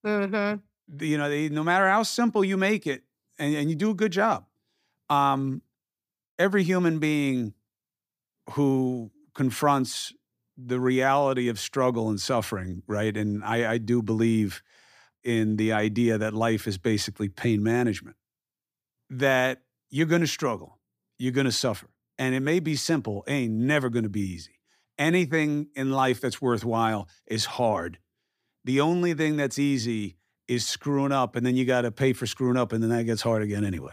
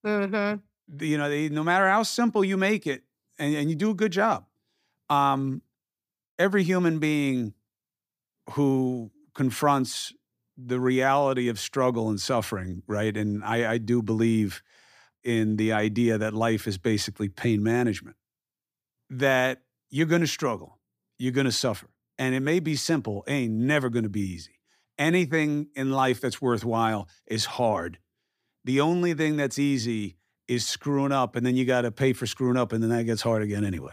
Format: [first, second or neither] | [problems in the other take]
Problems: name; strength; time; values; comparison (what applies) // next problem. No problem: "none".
neither | none